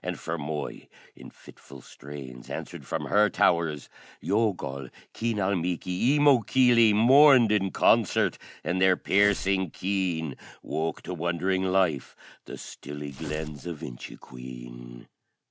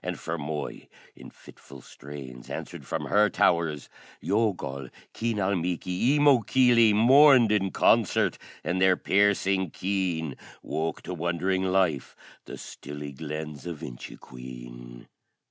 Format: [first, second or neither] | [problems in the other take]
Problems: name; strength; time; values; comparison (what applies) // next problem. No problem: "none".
second | background sound (Tearing); 16 dB below the speech